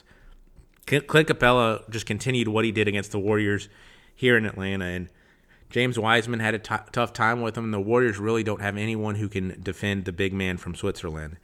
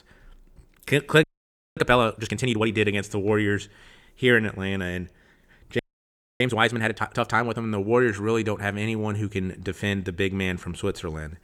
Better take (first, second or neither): first